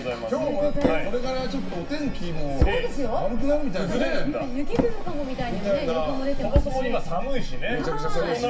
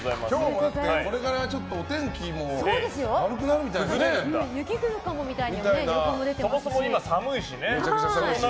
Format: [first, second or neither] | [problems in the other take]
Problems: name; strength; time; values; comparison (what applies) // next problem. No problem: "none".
second | background sound (Drawer open or close); 1 dB above the speech // room echo; dies away in 0.2 s